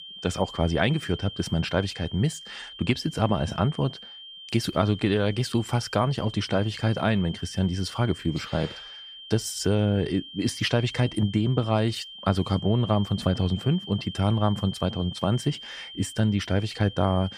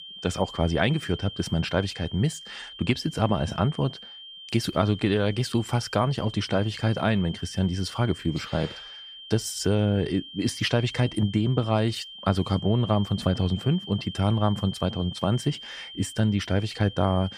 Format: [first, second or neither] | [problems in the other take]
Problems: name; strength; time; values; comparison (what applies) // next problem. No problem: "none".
neither | high-pitched whine; noticeable; throughout; 3 kHz, 15 dB below the speech; the same in both